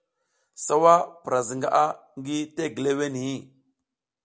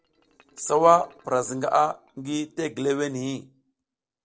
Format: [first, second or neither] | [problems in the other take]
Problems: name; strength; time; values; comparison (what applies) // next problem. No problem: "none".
first | noise reduction (neural separator model SepFormer DNS4)